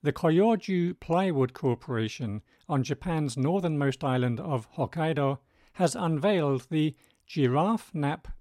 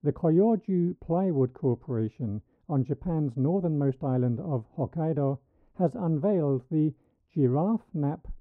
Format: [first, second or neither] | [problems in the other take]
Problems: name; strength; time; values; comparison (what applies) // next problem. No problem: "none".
first | muffled; very; fading above 1.5 kHz